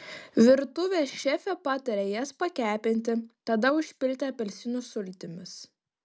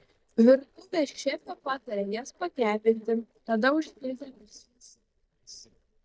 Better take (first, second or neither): first